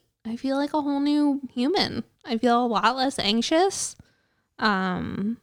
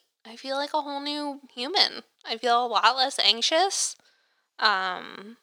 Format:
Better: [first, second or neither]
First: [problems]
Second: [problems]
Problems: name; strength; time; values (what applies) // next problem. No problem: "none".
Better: first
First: none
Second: thin; very; fading below 650 Hz